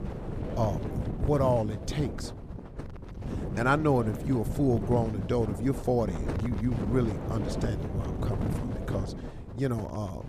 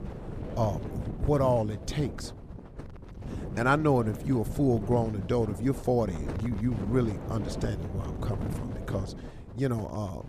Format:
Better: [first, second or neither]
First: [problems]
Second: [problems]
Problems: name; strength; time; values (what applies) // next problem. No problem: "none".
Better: second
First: wind noise on the microphone; heavy; 9 dB below the speech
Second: wind noise on the microphone; occasional gusts; 10 dB below the speech